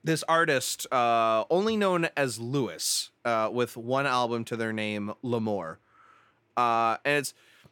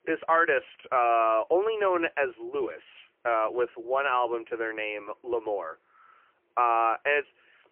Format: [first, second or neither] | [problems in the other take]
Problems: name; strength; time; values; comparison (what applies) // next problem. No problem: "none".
first | phone-call audio; poor line; nothing above 3 kHz